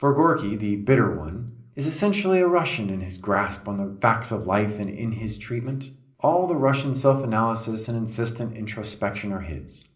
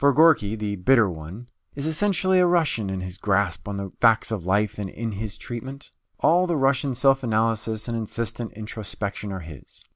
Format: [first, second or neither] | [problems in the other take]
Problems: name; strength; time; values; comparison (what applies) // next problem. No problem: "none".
second | room echo; dies away in 0.5 s